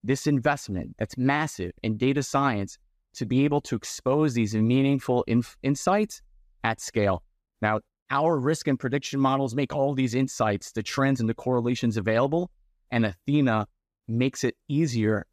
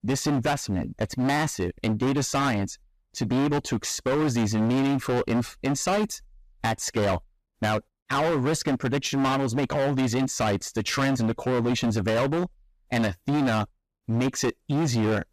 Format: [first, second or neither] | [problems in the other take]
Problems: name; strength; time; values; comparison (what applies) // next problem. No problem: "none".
first | distortion; heavy; 23% of the sound clipped